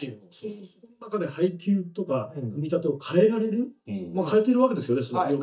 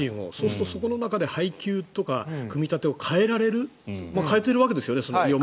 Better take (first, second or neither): second